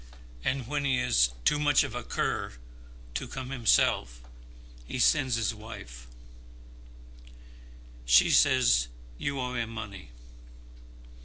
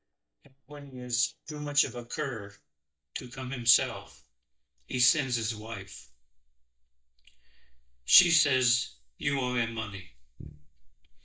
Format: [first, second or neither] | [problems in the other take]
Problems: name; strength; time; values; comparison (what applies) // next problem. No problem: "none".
first | noise reduction (neural mask model DeepFilterNet 3)